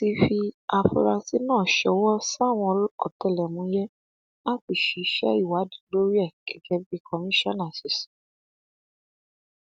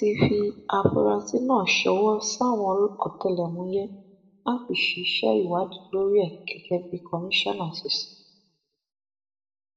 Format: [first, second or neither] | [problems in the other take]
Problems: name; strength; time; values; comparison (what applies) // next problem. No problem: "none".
first | room echo; dies away in 0.6 s